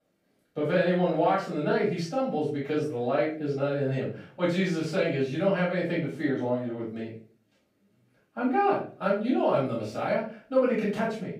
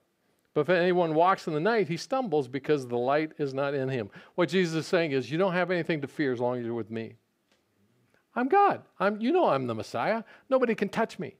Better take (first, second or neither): second